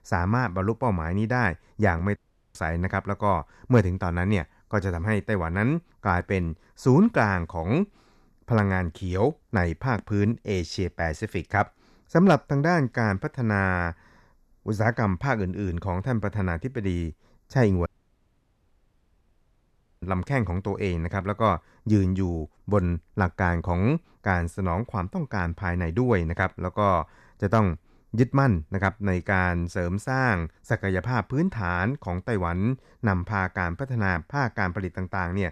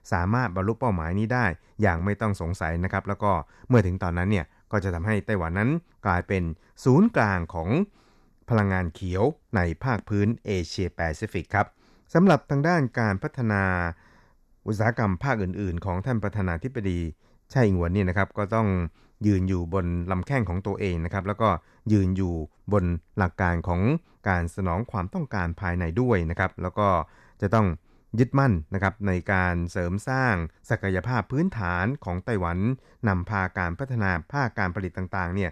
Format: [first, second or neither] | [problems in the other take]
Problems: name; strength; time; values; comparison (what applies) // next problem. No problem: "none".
second | audio cutting out; at 2 s and at 18 s for 2 s